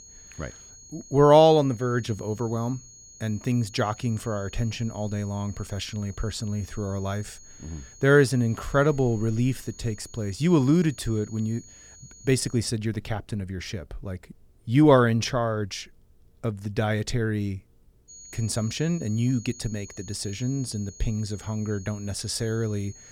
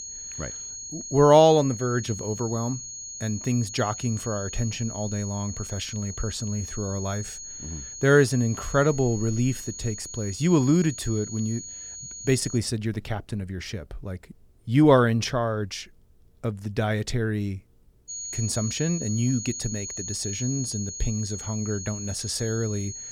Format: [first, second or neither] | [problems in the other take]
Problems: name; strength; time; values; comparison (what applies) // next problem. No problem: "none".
first | high-pitched whine; loud; until 13 s and from 18 s on; 6.5 kHz, 9 dB below the speech; faint in the first